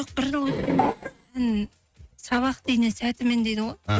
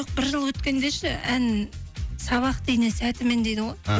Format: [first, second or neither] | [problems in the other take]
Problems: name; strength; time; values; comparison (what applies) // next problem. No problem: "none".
second | noise reduction (neural mask model RNNoise)